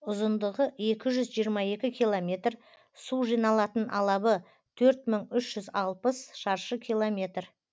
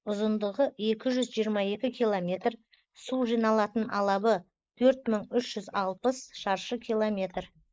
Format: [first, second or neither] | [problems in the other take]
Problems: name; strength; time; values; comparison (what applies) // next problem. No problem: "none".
first | noise reduction (neural mask model Resemble Enhance denoiser)